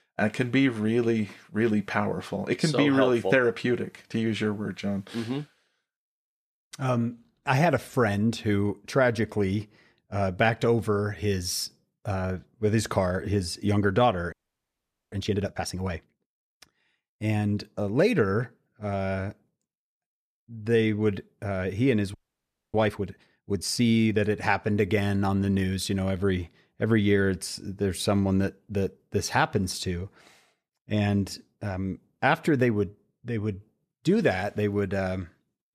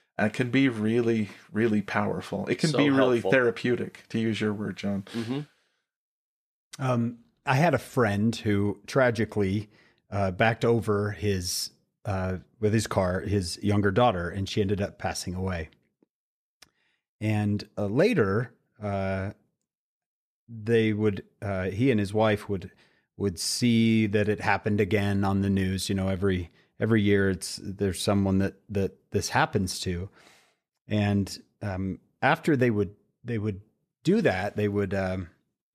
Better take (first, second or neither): second